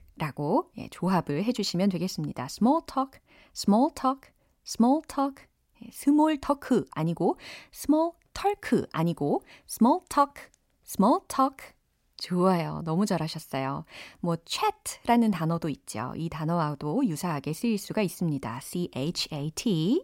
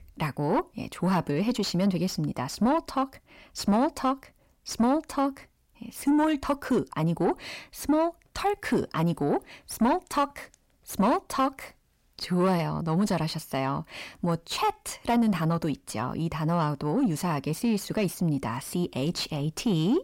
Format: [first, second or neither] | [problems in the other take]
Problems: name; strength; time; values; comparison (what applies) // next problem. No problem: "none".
first | distortion; slight; 10 dB below the speech